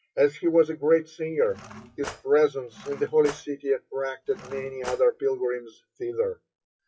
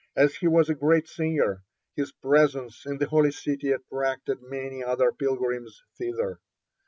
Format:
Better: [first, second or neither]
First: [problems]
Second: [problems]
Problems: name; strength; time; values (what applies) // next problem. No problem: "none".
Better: second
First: noise reduction (classical method WPE with log-MMSE)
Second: none